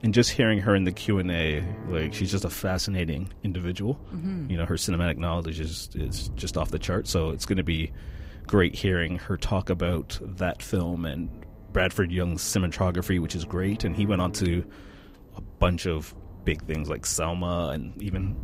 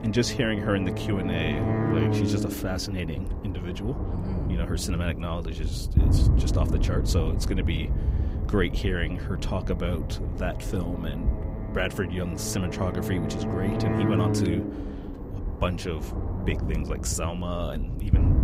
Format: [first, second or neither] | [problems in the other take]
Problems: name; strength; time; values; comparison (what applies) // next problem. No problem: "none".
first | low rumble; loud; throughout; 3 dB below the speech; faint in the first